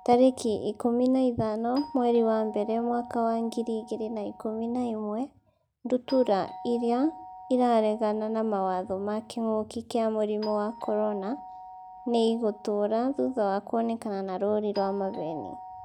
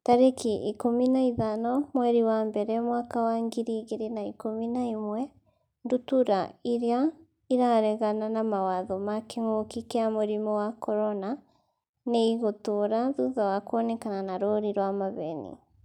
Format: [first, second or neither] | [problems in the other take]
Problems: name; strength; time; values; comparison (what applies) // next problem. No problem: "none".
second | background sound (Doorbell); 18 dB below the speech